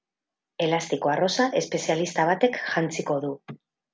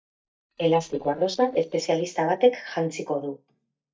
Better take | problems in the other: first | noise reduction (neural mask model DeepFilterNet 3)

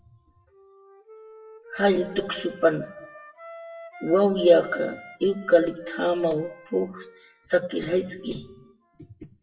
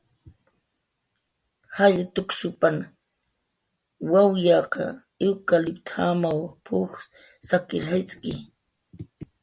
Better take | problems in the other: second | noise reduction (classical method WPE with log-MMSE)

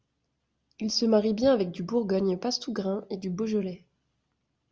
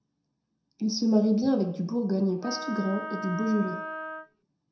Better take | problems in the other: first | background sound (Wind instrument, woodwind instrument); 8 dB below the speech // room echo; dies away in 0.6 s

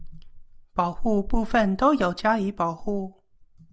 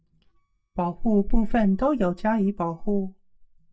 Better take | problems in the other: first | noise reduction (neural mask model DeepFilterNet 3)

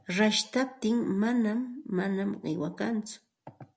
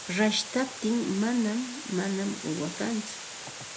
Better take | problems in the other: first | background sound (Water); 11 dB below the speech

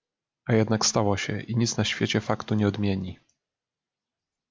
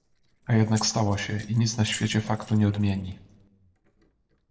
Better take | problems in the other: first | noise reduction (neural separator model SepFormer DNS4)

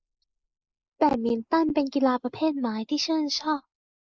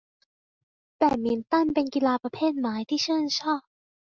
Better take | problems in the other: second | noise reduction (neural mask model Resemble Enhance denoiser)

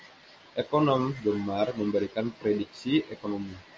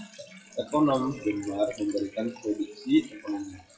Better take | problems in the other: first | noise reduction (classical method WPE with log-MMSE)

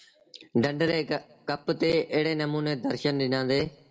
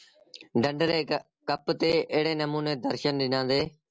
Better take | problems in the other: second | room echo; dies away in 0.6 s

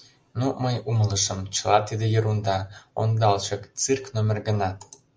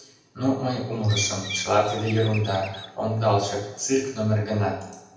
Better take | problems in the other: first | background sound (Bird); 11 dB below the speech // room echo; dies away in 0.9 s

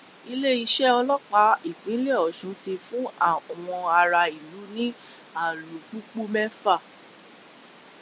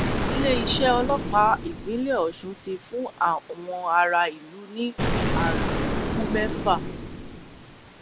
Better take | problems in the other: first | background sound (Explosion); 3 dB below the speech

